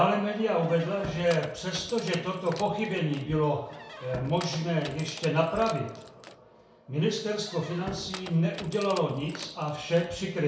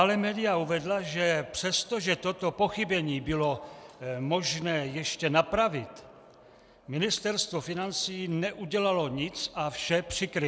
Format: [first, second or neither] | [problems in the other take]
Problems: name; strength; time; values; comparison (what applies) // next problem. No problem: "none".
second | background sound (Squeak); 15 dB below the speech // room echo; dies away in 0.6 s